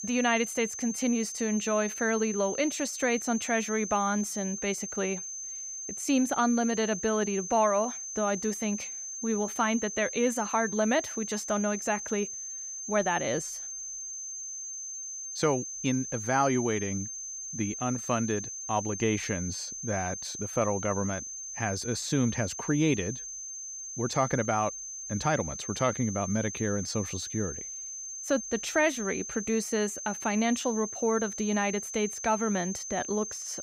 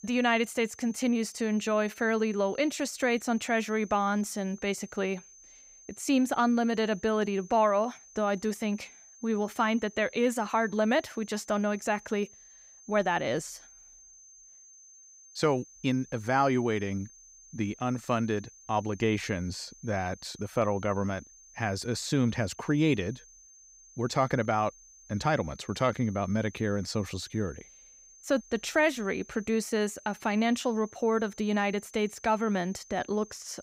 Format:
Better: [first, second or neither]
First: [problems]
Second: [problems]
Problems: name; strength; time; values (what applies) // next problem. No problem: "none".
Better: second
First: high-pitched whine; loud; throughout; 6.5 kHz, 6 dB below the speech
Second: high-pitched whine; faint; throughout; 6.5 kHz, 20 dB below the speech